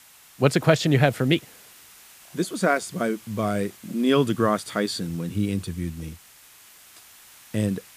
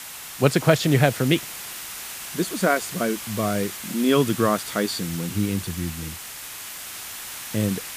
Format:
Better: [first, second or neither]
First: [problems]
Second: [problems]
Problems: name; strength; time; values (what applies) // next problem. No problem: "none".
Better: first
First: hiss; faint; throughout; 25 dB below the speech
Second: hiss; loud; throughout; 10 dB below the speech